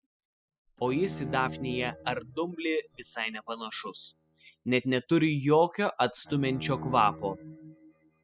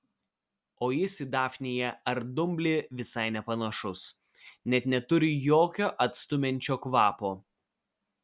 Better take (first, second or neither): second